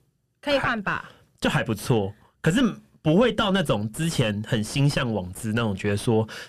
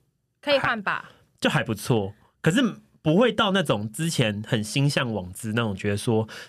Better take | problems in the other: second | distortion; slight; 9 dB below the speech

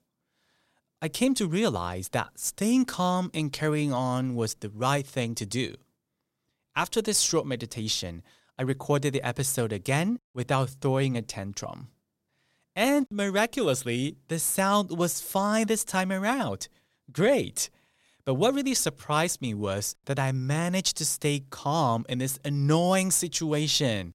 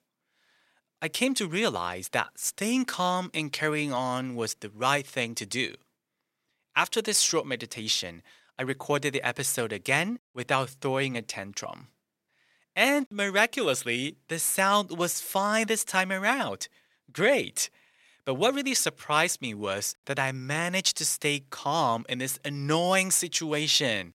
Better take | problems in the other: first | thin; very slightly; fading below 300 Hz

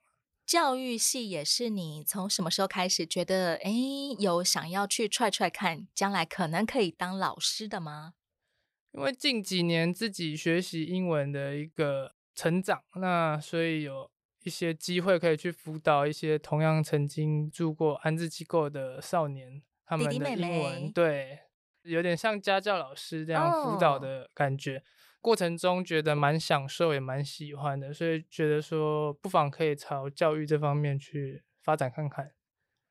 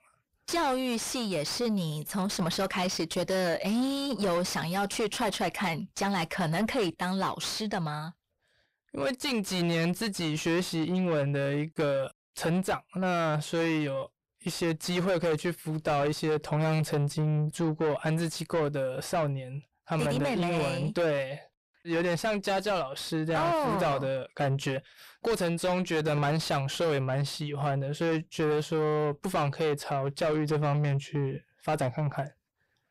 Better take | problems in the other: first | distortion; heavy; 6 dB below the speech

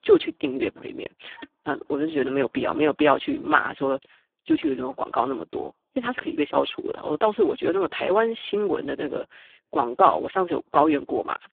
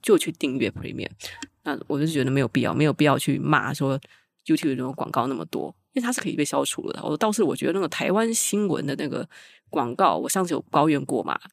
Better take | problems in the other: second | phone-call audio; poor line

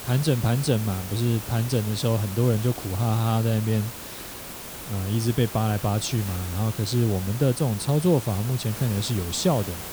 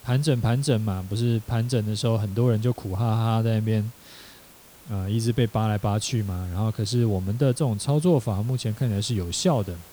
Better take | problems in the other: second | hiss; loud; throughout; 10 dB below the speech; faint in the second

